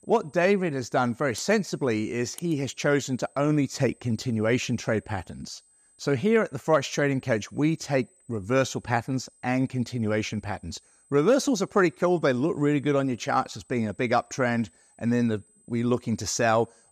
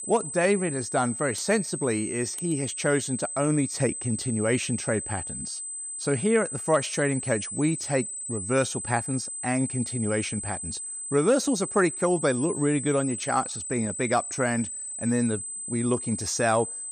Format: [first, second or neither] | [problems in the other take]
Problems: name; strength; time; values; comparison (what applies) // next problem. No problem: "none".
first | high-pitched whine; loud; throughout; 8 kHz, 5 dB below the speech; faint in the first